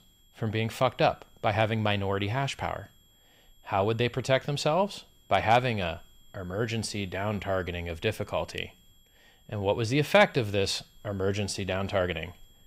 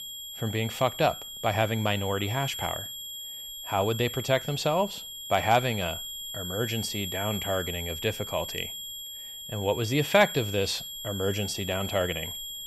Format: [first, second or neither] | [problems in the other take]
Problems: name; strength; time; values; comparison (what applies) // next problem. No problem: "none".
first | high-pitched whine; loud; throughout; 3.5 kHz, 7 dB below the speech; faint in the first